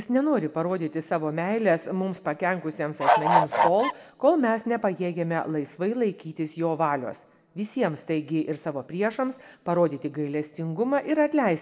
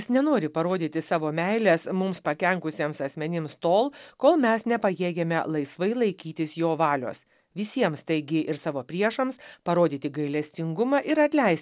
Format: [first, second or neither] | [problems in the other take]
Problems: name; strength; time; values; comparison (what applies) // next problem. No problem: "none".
second | background sound (Bird / Fowl); 5 dB above the speech // room echo; dies away in 0.9 s